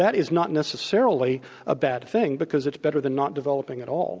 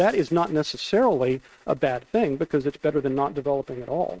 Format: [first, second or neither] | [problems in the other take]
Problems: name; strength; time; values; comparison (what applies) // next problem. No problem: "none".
first | noise reduction (neural mask model RNNoise)